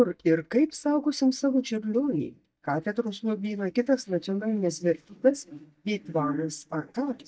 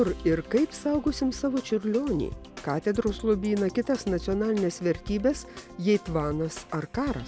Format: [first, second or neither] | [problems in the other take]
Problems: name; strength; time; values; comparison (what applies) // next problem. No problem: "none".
second | noise reduction (neural mask model DeepFilterNet 3)